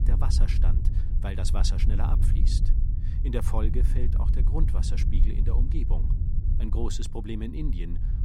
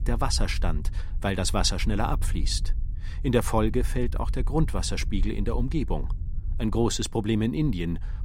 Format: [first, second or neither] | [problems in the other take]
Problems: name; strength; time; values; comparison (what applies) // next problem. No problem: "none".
second | low rumble; loud; throughout; 6 dB below the speech; faint in the second